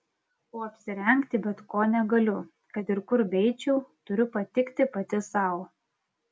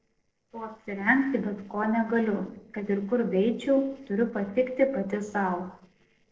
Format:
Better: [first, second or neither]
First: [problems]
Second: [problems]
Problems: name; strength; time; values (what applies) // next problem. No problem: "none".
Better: first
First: none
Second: noise reduction (neural separator model SepFormer DNS4)